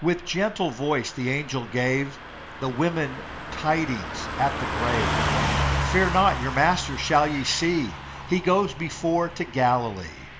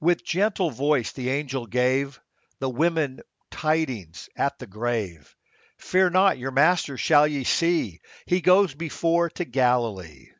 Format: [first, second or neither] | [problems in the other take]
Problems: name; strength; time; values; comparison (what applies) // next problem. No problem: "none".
second | background sound (Car passing by / Truck); 5 dB below the speech // room echo; dies away in 0.5 s